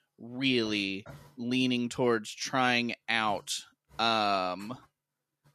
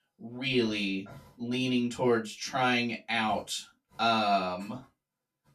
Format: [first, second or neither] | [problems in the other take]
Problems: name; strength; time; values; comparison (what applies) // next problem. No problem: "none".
first | off-mic speech; far // room echo; very slight; dies away in 0.2 s